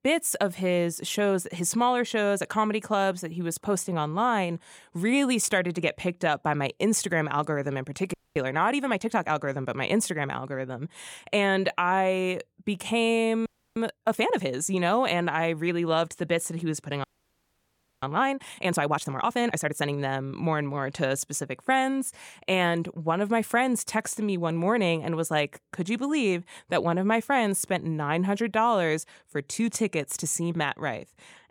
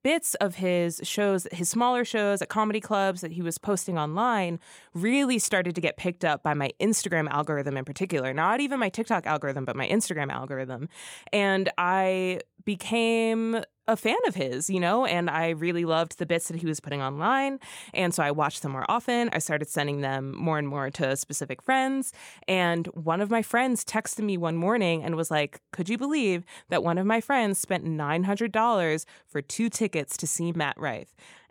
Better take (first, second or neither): second